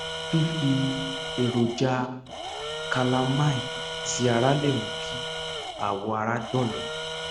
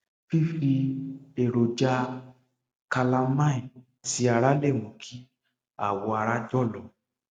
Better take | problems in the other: second | background sound (Tools); 6 dB below the speech

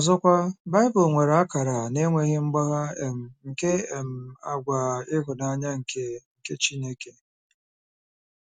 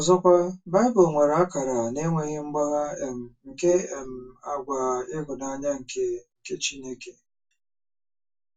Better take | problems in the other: first | room echo; dies away in 0.1 s

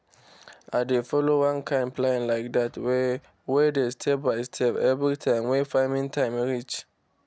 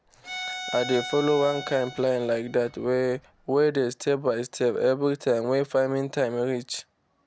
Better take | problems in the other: first | background sound (Bowed string instrument); 12 dB below the speech

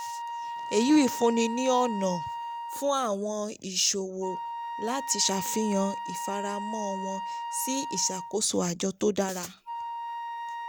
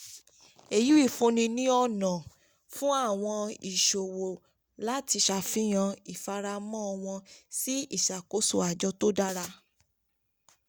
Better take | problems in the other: second | background sound (Wind instrument, woodwind instrument); 7 dB below the speech

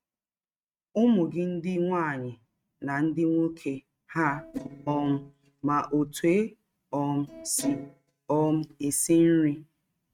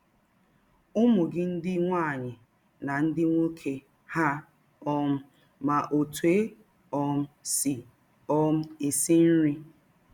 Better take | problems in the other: second | noise reduction (neural mask model RNNoise)

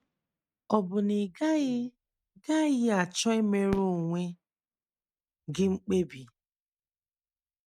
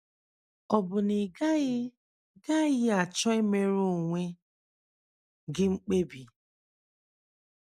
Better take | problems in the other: second | noise reduction (neural mask model RNNoise)

